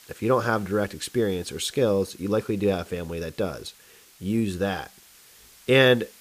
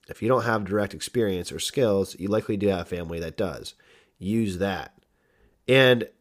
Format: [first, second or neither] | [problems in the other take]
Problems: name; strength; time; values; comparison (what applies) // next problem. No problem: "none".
second | hiss; faint; throughout; 25 dB below the speech